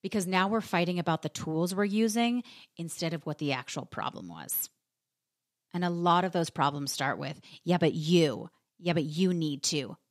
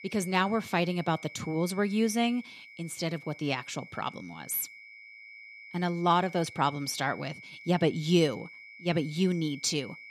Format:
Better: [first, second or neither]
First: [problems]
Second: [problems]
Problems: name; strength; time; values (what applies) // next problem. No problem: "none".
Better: first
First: none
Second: high-pitched whine; noticeable; throughout; 2.5 kHz, 15 dB below the speech